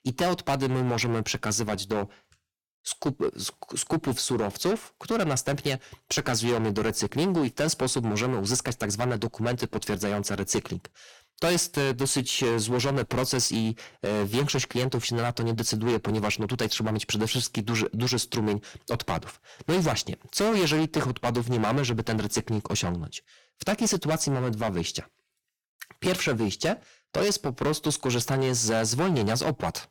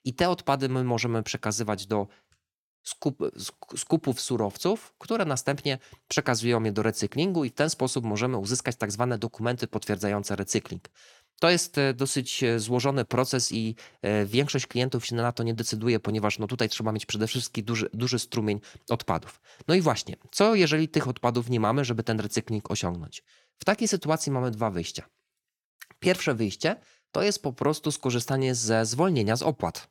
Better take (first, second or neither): second